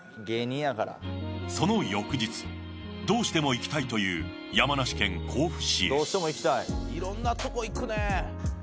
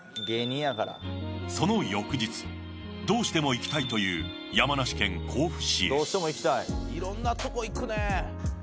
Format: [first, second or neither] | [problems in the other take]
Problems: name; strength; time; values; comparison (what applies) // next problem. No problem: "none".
first | background sound (Bicycle bell); 15 dB below the speech